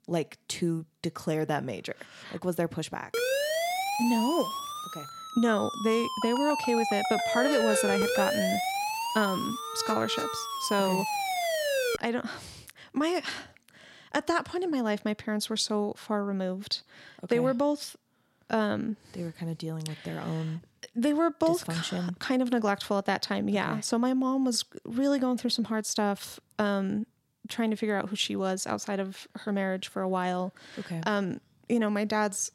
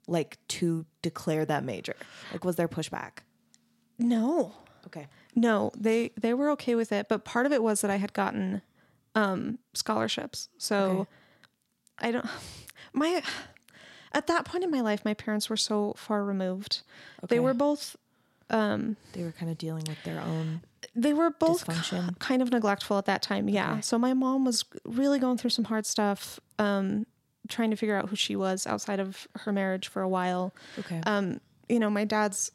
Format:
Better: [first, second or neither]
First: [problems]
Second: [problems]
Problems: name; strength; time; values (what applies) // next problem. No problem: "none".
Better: second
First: siren; loud; from 3 to 12 s; peak 3 dB above the speech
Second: none